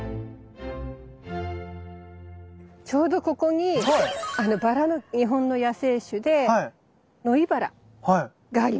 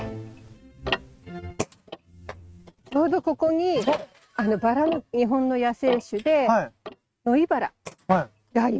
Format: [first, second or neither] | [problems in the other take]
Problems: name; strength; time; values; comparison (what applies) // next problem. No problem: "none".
first | noise reduction (neural mask model RNNoise)